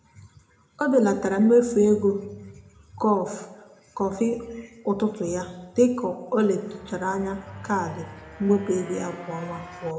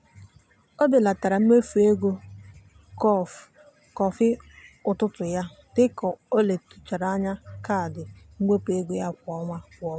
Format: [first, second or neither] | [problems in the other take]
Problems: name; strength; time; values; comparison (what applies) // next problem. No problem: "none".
second | background sound (Motorcycle); 19 dB below the speech // room echo; dies away in 0.5 s